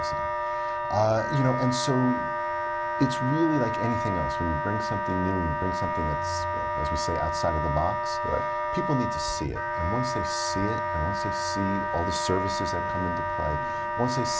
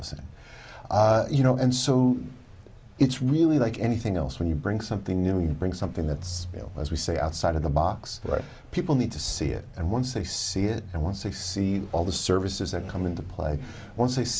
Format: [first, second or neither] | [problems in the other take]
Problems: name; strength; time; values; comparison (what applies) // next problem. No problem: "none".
second | background sound (Wind instrument, woodwind instrument); as loud as the speech